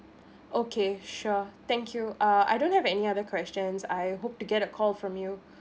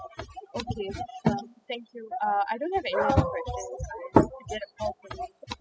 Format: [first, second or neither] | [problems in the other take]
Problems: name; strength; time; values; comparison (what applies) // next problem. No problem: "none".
first | noise reduction (classical method spectral subtraction)